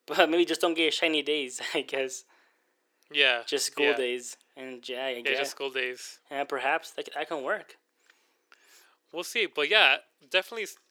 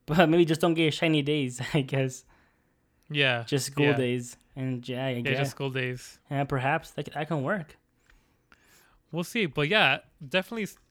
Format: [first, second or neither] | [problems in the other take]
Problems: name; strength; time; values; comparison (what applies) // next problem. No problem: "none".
second | thin; very; fading below 350 Hz